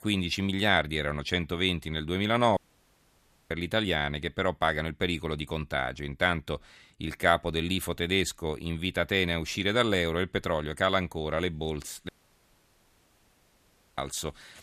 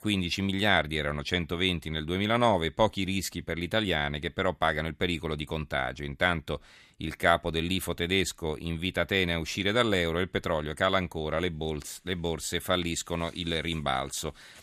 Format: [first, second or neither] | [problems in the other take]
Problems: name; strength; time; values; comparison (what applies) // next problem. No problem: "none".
second | audio cutting out; at 2.5 s for 1 s and at 12 s for 2 s